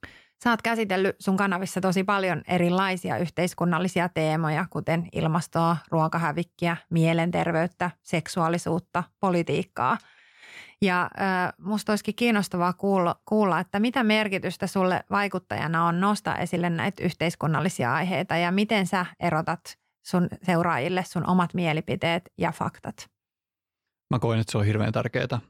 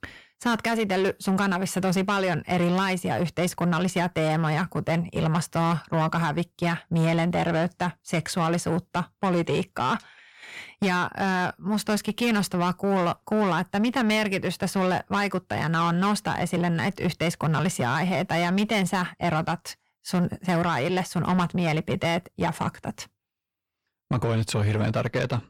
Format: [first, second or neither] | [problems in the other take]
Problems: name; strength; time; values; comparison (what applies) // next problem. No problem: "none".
first | distortion; slight; 10 dB below the speech